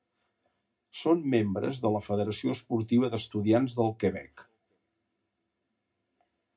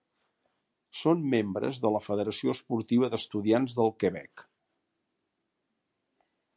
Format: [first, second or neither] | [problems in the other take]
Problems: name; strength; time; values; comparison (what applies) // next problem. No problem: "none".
second | room echo; dies away in 0.2 s